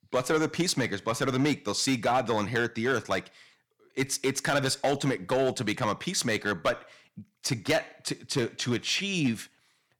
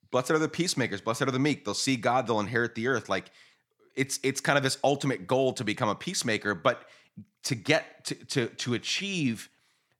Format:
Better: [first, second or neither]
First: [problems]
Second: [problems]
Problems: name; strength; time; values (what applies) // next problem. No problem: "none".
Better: second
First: distortion; slight; 4% of the sound clipped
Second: none